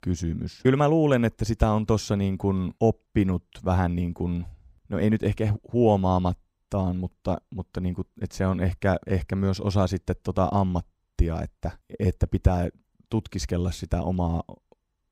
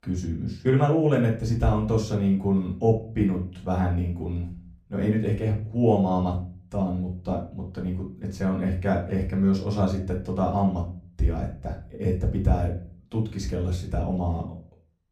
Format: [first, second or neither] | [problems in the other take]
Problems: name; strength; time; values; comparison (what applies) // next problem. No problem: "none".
first | off-mic speech; far // room echo; slight; dies away in 0.4 s